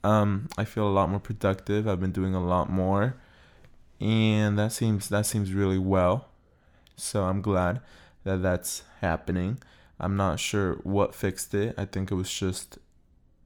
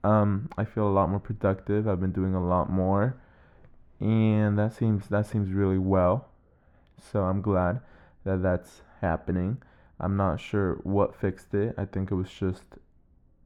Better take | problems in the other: first | muffled; very; fading above 3 kHz

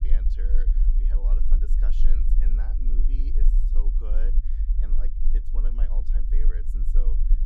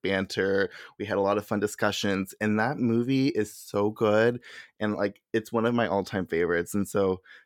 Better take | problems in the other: second | low rumble; loud; throughout; 2 dB below the speech

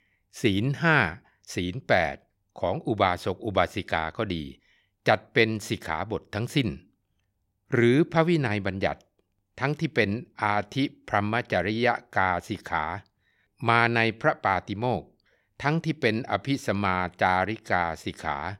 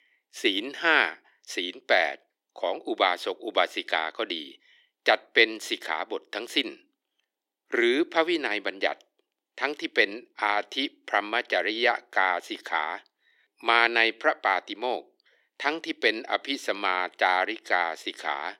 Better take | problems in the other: first | thin; somewhat; fading below 300 Hz

